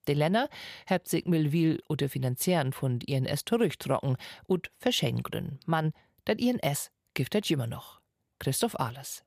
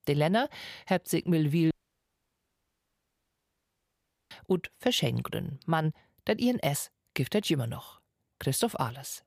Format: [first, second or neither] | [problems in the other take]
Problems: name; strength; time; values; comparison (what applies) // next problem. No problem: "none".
first | audio cutting out; at 1.5 s for 2.5 s